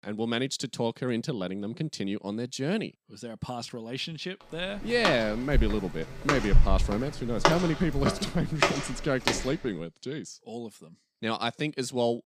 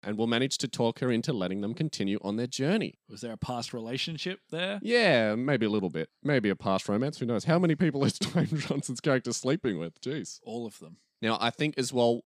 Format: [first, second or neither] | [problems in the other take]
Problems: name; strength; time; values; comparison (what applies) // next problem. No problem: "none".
second | footsteps; loud; from 5 to 9.5 s; peak 5 dB above the speech